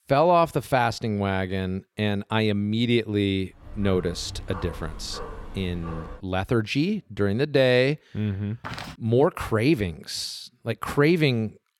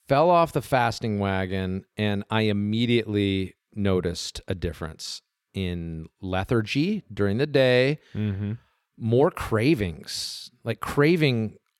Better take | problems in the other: second | dog barking; faint; from 3.5 to 6 s; peak 15 dB below the speech // footsteps; faint; at 8.5 s; peak 10 dB below the speech

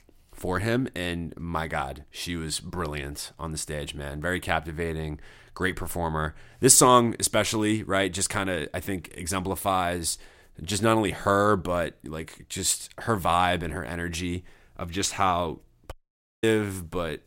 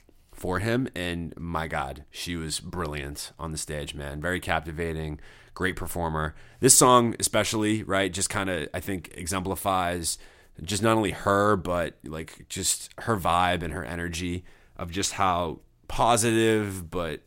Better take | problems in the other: second | audio cutting out; at 16 s for 0.5 s

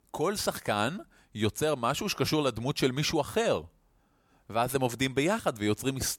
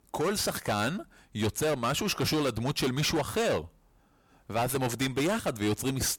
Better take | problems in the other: first | distortion; heavy; 15% of the sound clipped

